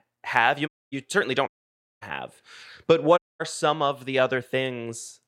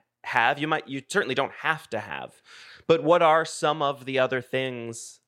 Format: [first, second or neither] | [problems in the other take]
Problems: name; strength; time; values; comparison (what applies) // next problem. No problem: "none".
second | audio cutting out; at 0.5 s, at 1.5 s for 0.5 s and at 3 s